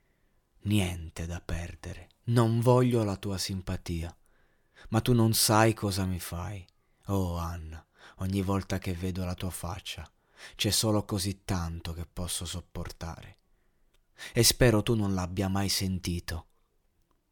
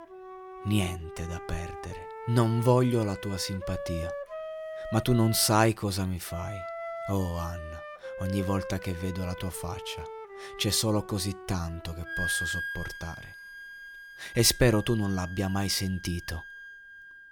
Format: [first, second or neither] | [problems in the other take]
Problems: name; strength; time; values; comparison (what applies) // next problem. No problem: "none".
first | background music; noticeable; throughout; 10 dB below the speech